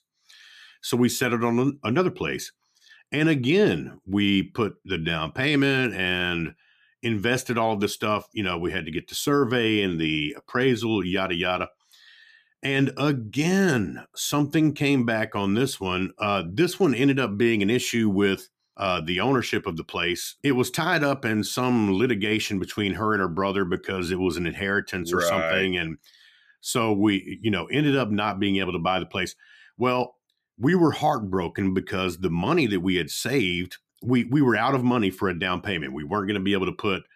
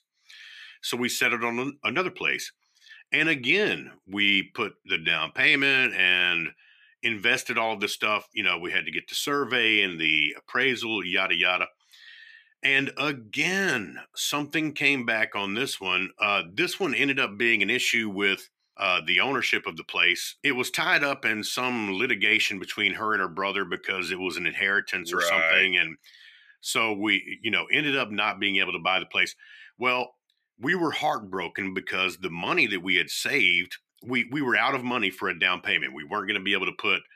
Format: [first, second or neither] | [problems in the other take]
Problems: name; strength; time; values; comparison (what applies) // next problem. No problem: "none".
first | thin; somewhat; fading below 900 Hz